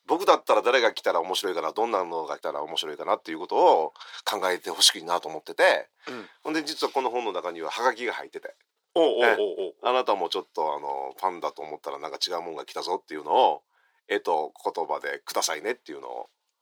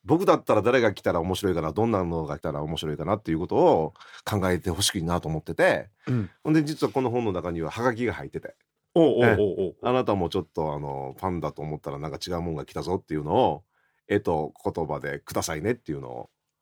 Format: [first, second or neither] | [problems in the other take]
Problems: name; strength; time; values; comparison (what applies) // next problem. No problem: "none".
second | thin; very; fading below 450 Hz